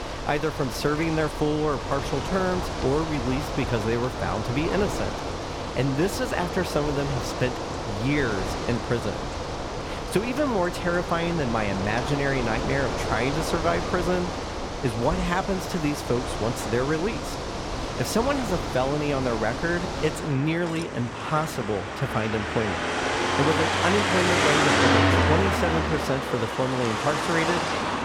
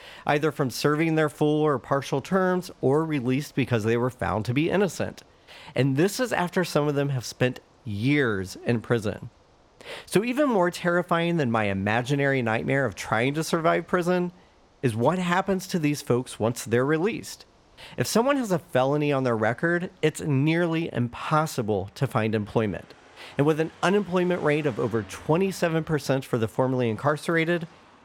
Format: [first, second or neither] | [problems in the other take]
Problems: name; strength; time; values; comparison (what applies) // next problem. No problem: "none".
second | traffic noise; loud; throughout; 1 dB below the speech; faint in the second